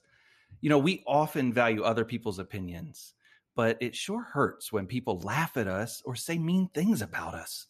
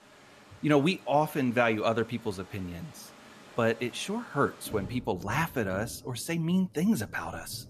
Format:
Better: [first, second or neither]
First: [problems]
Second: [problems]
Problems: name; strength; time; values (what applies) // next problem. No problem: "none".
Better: first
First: none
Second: rain or running water; noticeable; throughout; 20 dB below the speech